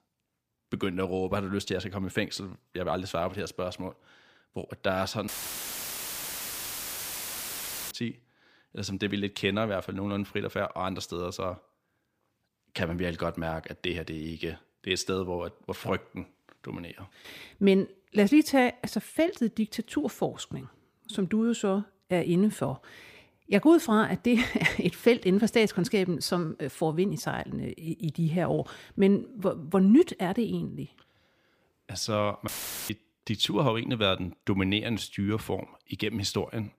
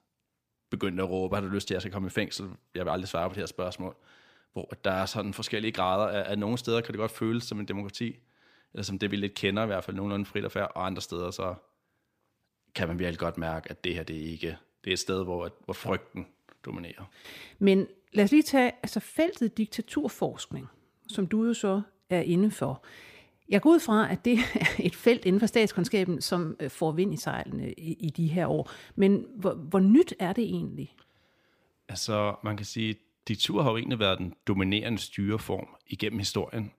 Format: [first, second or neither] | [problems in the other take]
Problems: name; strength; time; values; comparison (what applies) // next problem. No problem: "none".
second | audio cutting out; filled with static; at 5.5 s for 2.5 s and at 32 s